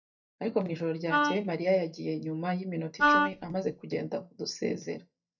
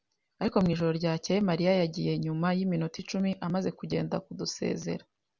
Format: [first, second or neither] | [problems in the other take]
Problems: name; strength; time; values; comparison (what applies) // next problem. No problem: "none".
second | noise reduction (neural mask model DeepFilterNet 3)